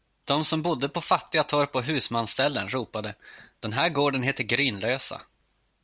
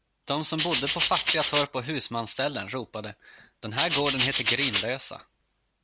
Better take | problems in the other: first | background sound (Rattle (instrument)); 3 dB above the speech

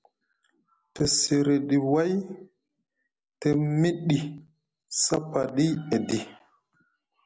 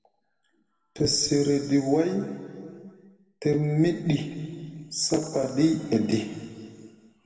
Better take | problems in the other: first | room echo; dies away in 2.1 s

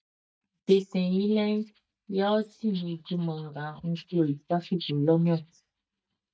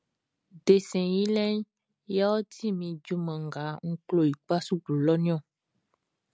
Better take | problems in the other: second | noise reduction (neural mask model DeepFilterNet 3)

